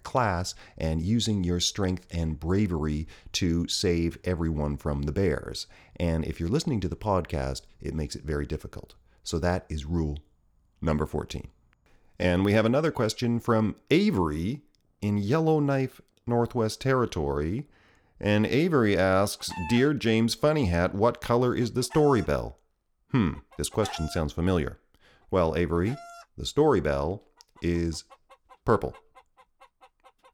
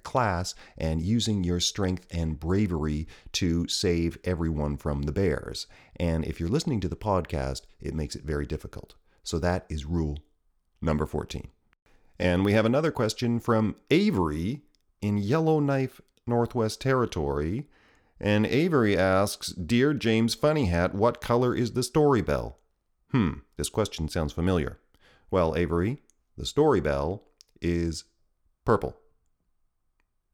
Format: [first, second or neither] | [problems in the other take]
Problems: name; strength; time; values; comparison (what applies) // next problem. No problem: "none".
second | animal sounds; noticeable; throughout; 20 dB below the speech